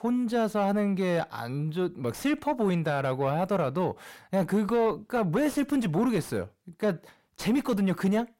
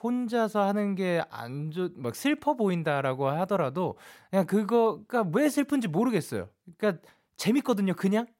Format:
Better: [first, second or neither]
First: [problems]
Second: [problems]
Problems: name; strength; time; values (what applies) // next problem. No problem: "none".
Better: second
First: distortion; slight; 10 dB below the speech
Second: none